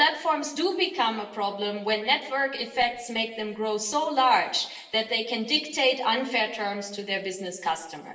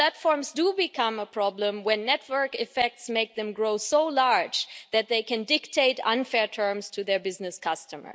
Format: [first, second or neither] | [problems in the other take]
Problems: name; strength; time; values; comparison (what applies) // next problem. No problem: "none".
second | room echo; dies away in 0.8 s